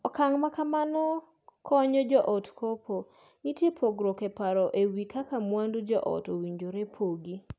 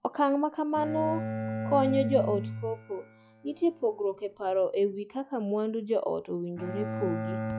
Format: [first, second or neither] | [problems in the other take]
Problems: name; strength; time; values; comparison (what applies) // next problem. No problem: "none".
first | noise reduction (classical method log-MMSE)